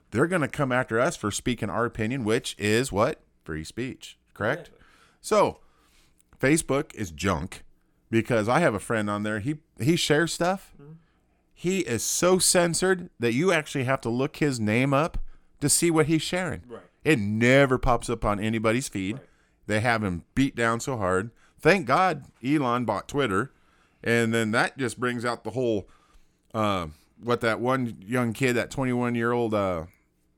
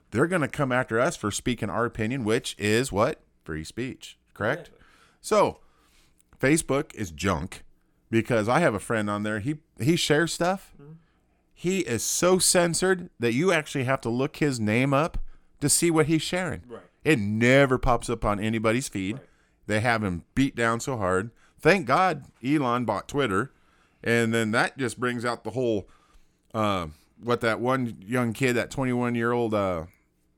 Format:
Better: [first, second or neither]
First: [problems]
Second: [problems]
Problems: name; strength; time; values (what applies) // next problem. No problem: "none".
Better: neither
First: none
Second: none